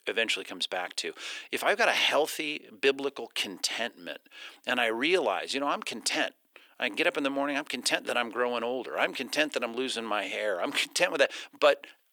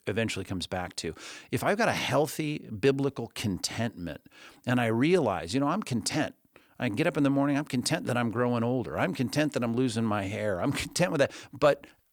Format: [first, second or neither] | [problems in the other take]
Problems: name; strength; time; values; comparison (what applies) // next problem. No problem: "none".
second | thin; somewhat; fading below 350 Hz